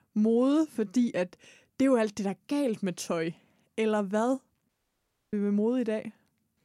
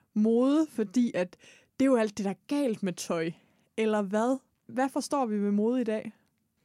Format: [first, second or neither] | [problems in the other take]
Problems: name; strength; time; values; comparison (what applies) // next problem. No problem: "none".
second | audio cutting out; at 4.5 s for 0.5 s